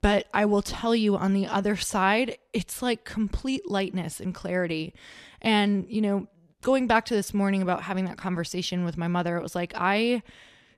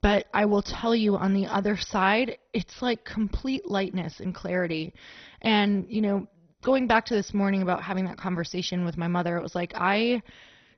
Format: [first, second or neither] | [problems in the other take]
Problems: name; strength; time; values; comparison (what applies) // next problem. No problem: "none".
first | garbled, watery; badly; nothing above 6 kHz